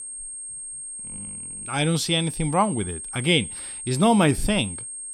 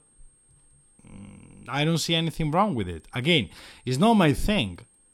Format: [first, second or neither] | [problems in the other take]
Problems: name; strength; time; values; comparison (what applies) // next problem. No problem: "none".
second | high-pitched whine; loud; throughout; 8.5 kHz, 10 dB below the speech; faint in the second